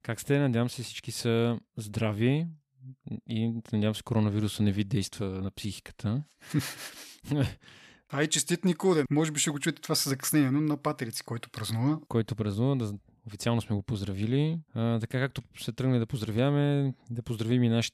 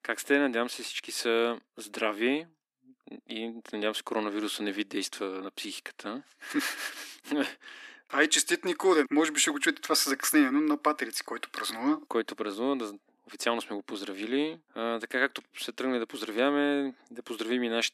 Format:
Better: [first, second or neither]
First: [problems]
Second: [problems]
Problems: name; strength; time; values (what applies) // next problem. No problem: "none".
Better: first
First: none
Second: thin; somewhat; fading below 300 Hz